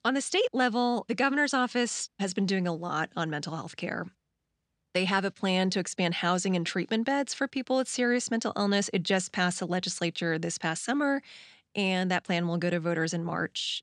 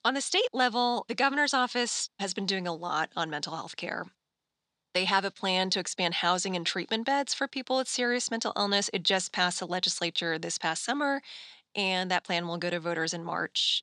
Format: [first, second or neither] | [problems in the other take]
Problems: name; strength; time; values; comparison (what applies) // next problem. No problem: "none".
first | thin; very slightly; fading below 350 Hz